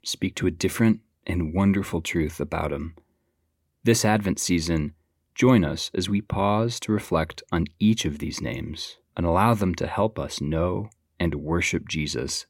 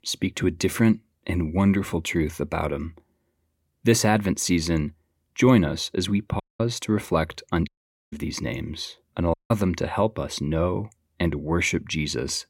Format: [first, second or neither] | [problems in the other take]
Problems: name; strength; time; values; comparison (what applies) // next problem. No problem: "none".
first | audio cutting out; at 6.5 s, at 7.5 s and at 9.5 s